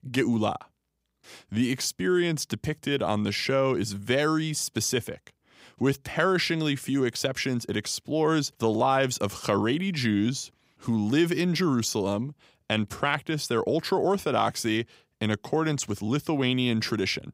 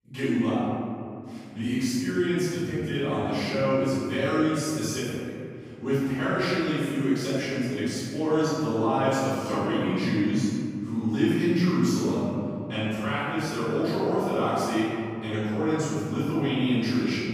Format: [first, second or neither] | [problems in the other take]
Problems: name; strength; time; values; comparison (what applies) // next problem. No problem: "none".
first | off-mic speech; far // room echo; strong; dies away in 2.5 s